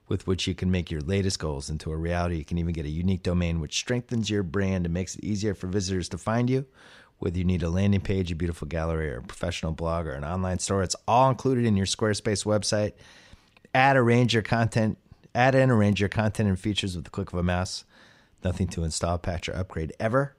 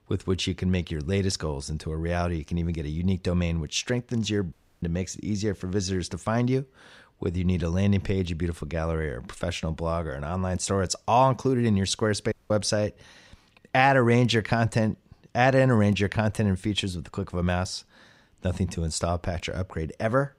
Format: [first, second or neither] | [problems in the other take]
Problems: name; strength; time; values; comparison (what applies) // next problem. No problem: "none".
first | audio cutting out; at 4.5 s and at 12 s